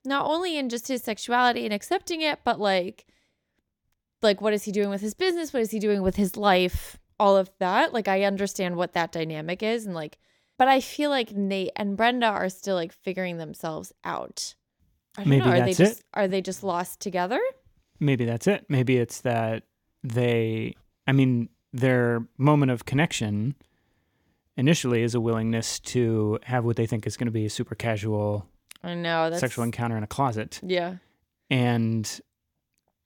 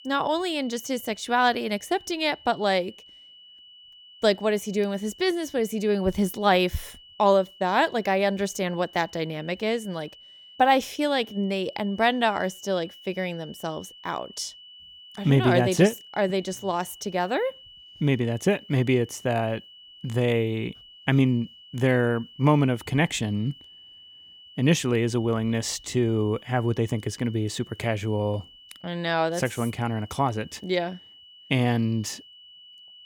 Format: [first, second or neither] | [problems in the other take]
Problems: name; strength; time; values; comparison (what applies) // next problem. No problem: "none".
first | high-pitched whine; faint; throughout; 3 kHz, 20 dB below the speech